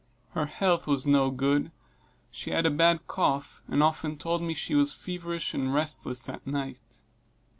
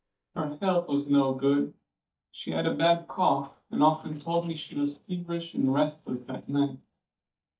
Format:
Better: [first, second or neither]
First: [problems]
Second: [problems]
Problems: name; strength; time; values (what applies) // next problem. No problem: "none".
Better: first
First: none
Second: noise reduction (neural mask model DeepFilterNet 3)